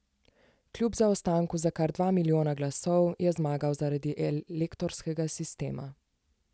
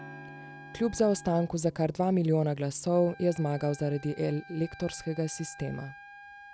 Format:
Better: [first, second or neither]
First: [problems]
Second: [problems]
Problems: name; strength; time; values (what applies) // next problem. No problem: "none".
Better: first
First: none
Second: background sound (Electric guitar / Strum + Wind instrument, woodwind instrument); 19 dB below the speech